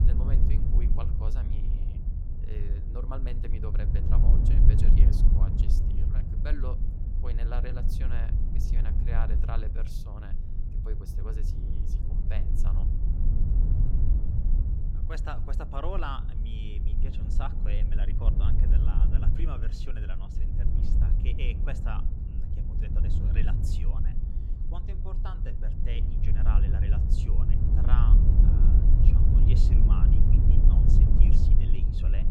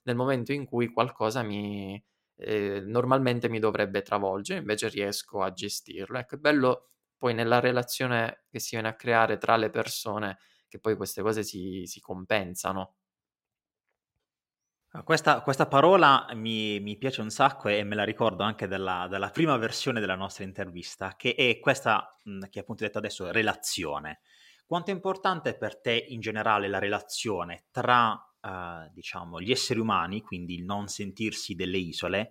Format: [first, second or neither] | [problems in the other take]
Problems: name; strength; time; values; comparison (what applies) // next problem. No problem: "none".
second | low rumble; loud; throughout; as loud as the speech